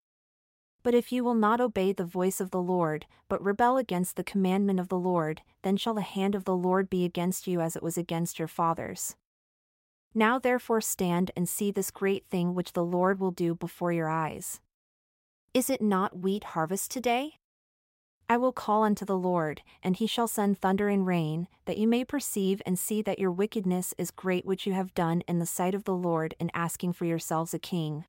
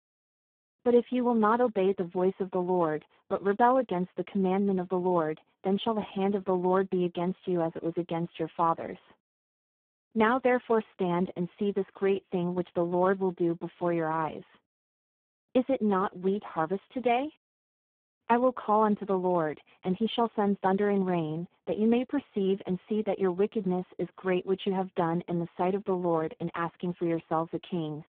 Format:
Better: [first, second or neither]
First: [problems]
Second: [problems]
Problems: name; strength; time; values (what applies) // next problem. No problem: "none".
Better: first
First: none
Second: phone-call audio; poor line